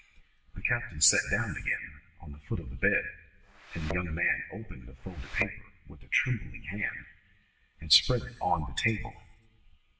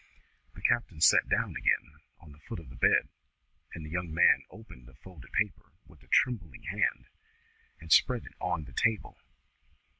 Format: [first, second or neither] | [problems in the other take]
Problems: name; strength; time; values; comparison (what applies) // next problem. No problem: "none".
second | background sound (Thump, thud); 11 dB below the speech // room echo; dies away in 0.7 s